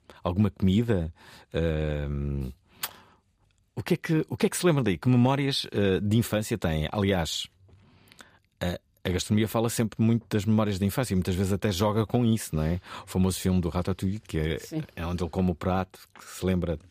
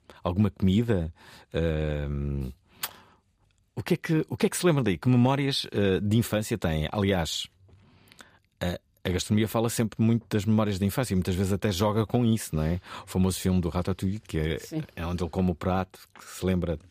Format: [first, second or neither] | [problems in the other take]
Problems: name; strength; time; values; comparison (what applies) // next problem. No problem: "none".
neither | none